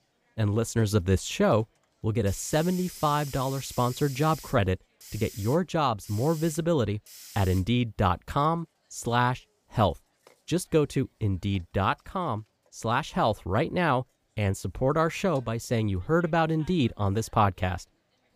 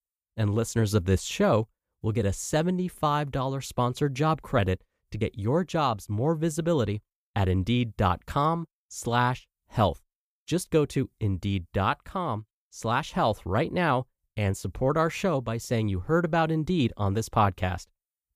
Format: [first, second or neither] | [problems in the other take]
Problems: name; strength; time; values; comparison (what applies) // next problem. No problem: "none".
second | hiss; noticeable; throughout; 15 dB below the speech